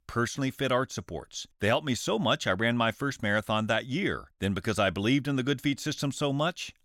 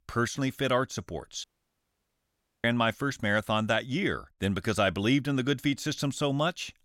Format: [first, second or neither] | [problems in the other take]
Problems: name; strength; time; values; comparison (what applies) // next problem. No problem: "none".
first | audio cutting out; at 1.5 s for 1 s